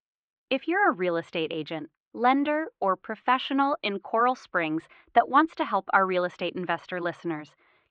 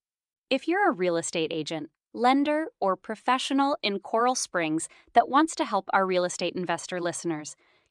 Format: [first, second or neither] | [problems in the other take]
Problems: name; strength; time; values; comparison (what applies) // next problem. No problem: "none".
second | muffled; very; fading above 3 kHz